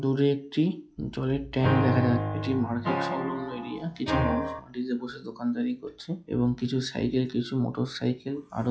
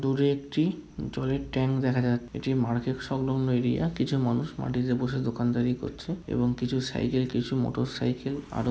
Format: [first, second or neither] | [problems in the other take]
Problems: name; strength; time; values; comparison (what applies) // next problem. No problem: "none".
second | noise reduction (classical method log-MMSE)